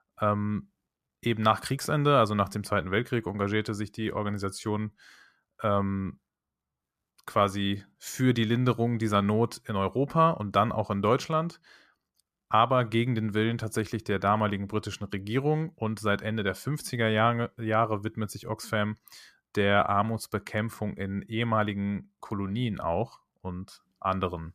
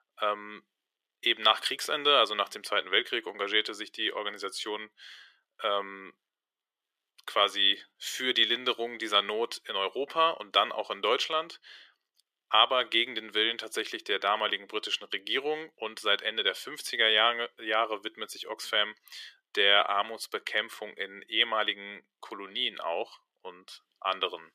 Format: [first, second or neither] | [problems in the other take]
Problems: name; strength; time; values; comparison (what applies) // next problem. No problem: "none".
first | thin; very; fading below 400 Hz